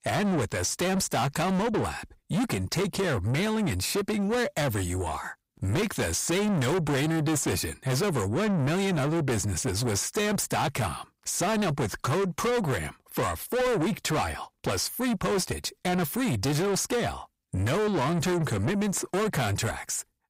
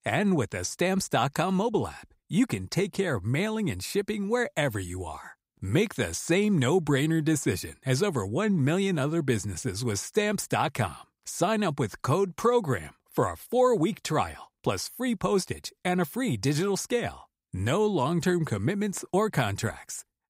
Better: second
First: distortion; heavy; 6 dB below the speech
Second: none

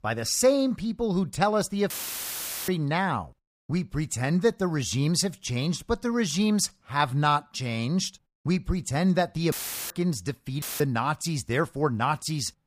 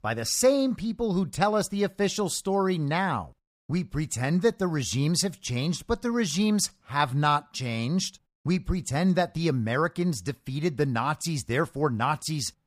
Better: second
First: audio cutting out; filled with static; at 2 s for 1 s, at 9.5 s and at 11 s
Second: none

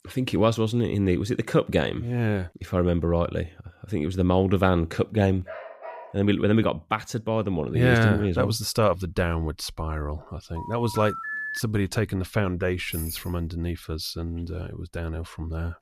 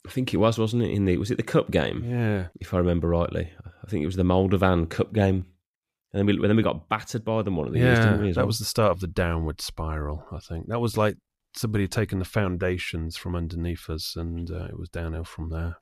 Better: second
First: dog barking; faint; at 5.5 s; peak 15 dB below the speech // phone ringing; noticeable; from 11 to 12 s; peak 5 dB below the speech // jangling keys; noticeable; at 13 s; peak 9 dB below the speech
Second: none

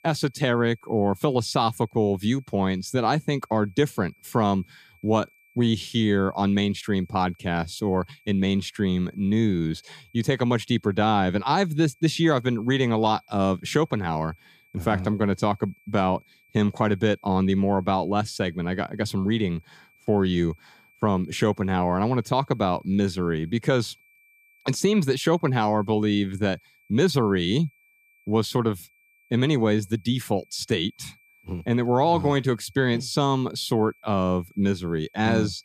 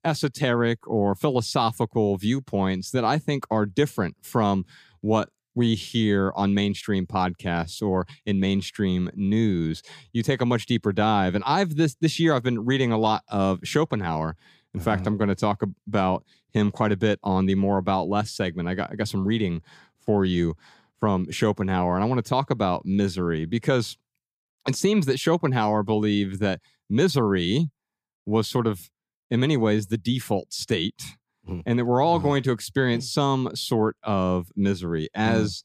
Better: second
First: high-pitched whine; faint; throughout; 2.5 kHz, 35 dB below the speech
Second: none

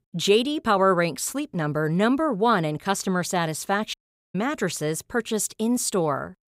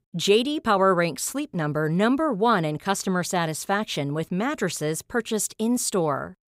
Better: second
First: audio cutting out; at 4 s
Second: none

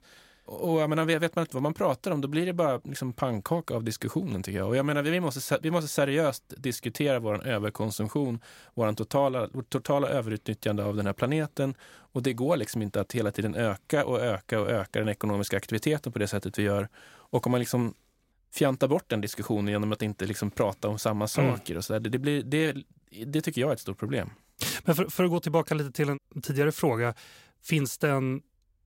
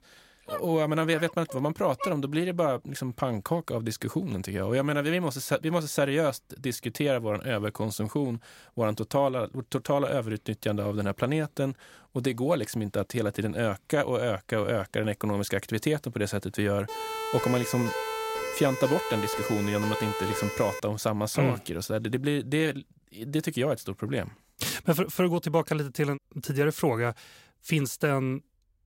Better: first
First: none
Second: dog barking; noticeable; until 2 s; peak 8 dB below the speech // siren; noticeable; from 17 to 21 s; peak 3 dB below the speech

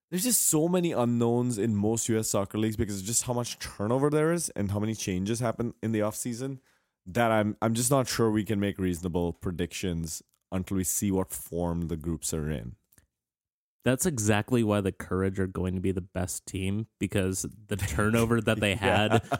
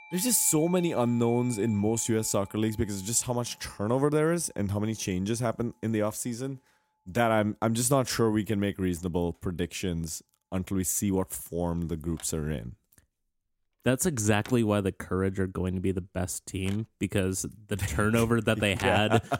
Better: first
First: none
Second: alarms or sirens; faint; throughout; 20 dB below the speech

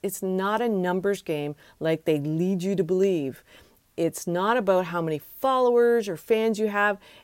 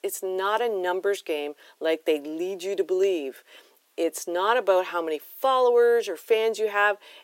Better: first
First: none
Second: thin; very; fading below 350 Hz

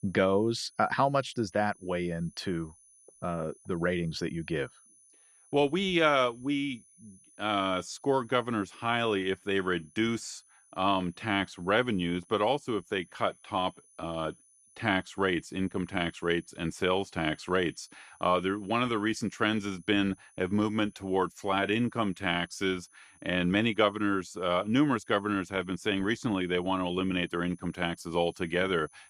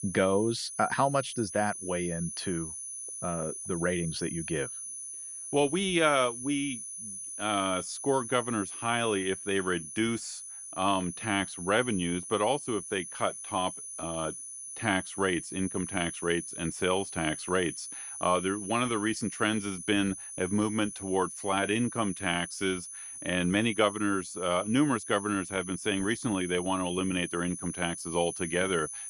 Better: first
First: high-pitched whine; faint; throughout; 10 kHz, 30 dB below the speech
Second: high-pitched whine; loud; throughout; 10 kHz, 8 dB below the speech

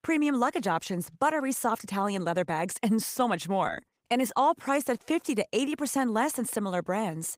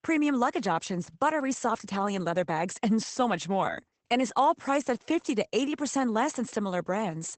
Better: first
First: garbled, watery; slightly; nothing above 15.5 kHz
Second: garbled, watery; badly; nothing above 8 kHz

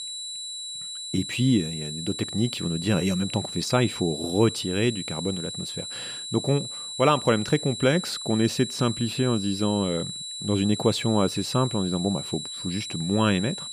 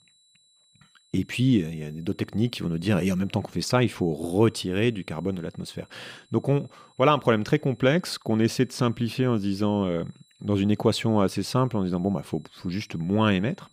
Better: second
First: high-pitched whine; loud; throughout; 4 kHz, 7 dB below the speech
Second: high-pitched whine; faint; throughout; 4 kHz, 35 dB below the speech

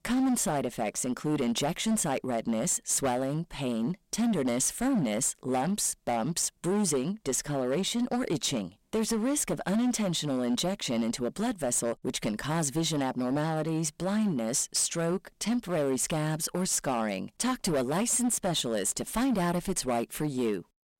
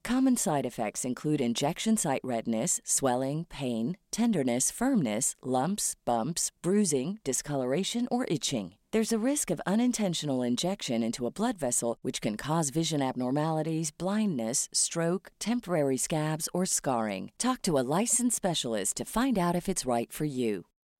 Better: second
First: distortion; slight; 12% of the sound clipped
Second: none

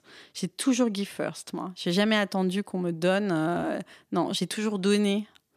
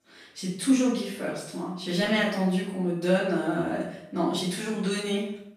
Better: first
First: none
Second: off-mic speech; far // room echo; noticeable; dies away in 0.7 s

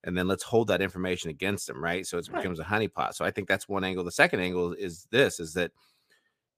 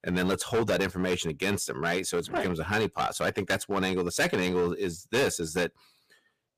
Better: first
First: none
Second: distortion; heavy; 10% of the sound clipped

